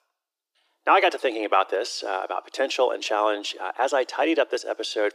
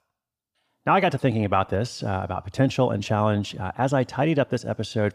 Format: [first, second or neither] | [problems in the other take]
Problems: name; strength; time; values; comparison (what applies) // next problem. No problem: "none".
second | thin; very; fading below 300 Hz